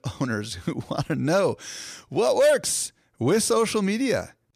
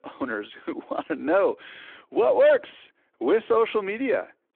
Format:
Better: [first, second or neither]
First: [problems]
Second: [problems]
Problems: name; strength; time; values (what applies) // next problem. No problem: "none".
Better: first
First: none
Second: phone-call audio